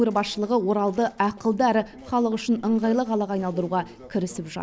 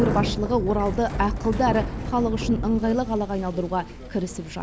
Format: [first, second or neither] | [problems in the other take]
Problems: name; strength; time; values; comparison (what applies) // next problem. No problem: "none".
first | background sound (Bicycle); 5 dB below the speech